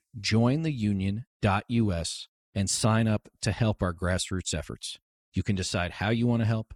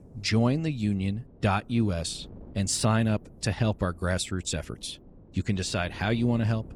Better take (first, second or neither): first